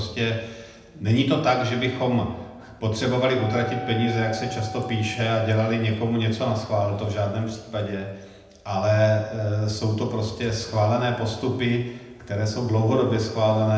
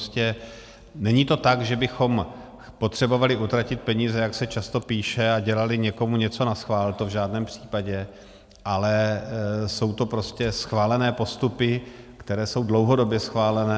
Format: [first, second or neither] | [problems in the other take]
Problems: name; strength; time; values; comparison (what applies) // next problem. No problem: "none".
second | background sound (Wind instrument, woodwind instrument); 13 dB below the speech // room echo; dies away in 0.8 s